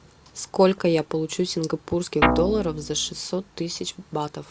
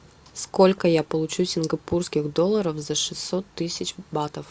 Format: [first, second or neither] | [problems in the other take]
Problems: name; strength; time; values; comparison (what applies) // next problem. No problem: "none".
second | background sound (Guitar); 1 dB above the speech